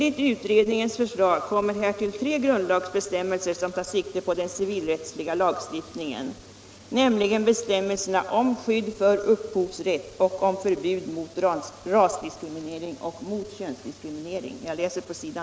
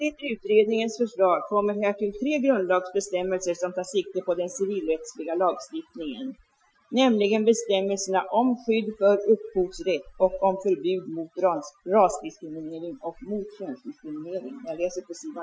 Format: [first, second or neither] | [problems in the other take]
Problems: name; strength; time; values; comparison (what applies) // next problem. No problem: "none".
first | noise reduction (classical method Wiener filter)